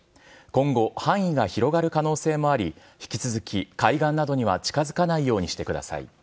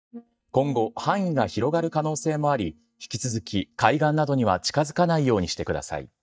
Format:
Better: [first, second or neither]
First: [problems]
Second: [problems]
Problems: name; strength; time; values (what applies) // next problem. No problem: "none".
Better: first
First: none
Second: noise reduction (neural mask model DeepFilterNet 3)